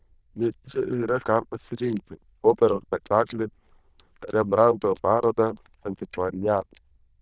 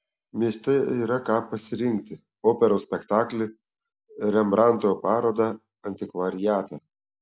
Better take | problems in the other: second | noise reduction (neural diffusion model UNIVERSE++)

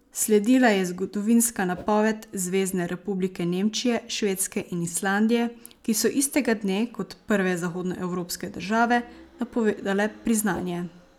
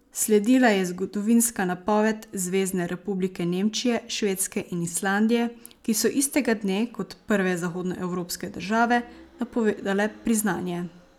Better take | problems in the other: second | background sound (Whoosh, swoosh, swish); 20 dB below the speech

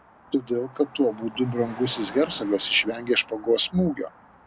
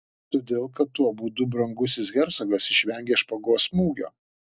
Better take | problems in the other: second | background sound (Car passing by); 18 dB below the speech

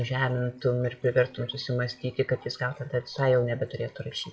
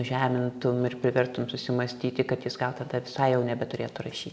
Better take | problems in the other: second | noise reduction (classical method WPE with log-MMSE)

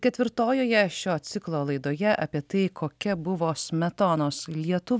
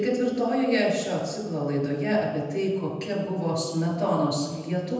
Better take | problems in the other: first | room echo; dies away in 1.1 s

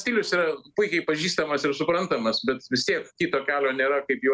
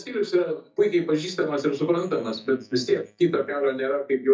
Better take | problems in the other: first | noise reduction (neural mask model DeepFilterNet 3)

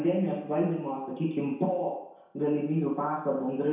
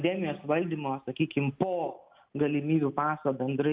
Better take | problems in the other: second | room echo; dies away in 0.7 s

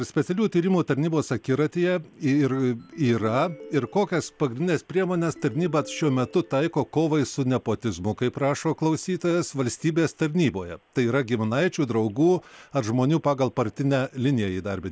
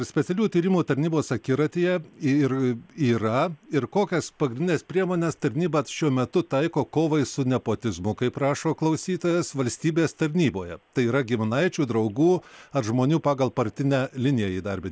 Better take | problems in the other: second | background sound (Ringtone); 20 dB below the speech

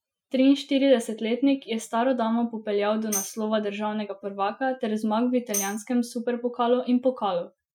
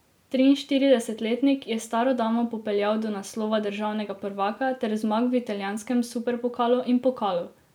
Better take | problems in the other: second | noise reduction (classical method Wiener filter)

